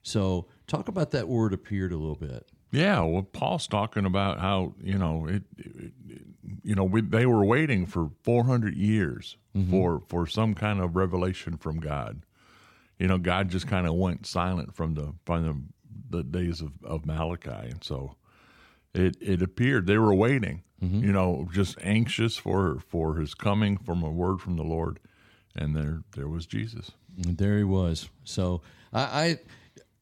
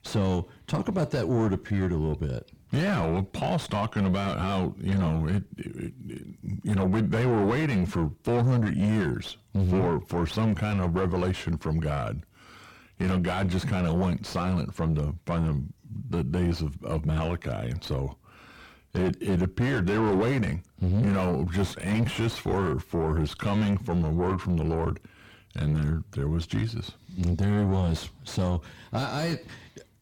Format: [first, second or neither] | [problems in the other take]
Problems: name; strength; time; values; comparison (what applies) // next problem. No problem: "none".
first | distortion; heavy; 6 dB below the speech